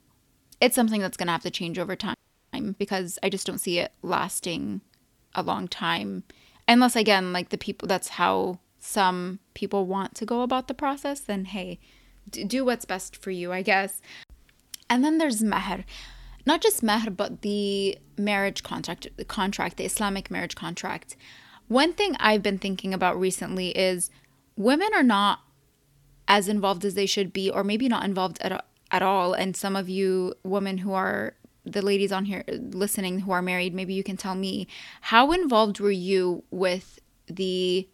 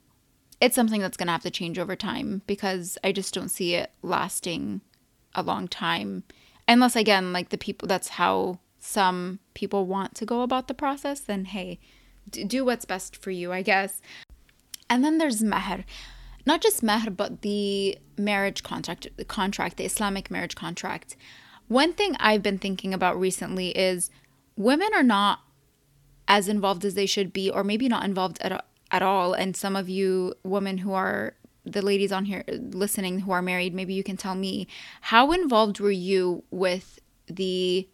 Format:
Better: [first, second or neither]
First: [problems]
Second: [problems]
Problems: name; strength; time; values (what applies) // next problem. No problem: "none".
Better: second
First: audio freezing; at 2 s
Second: none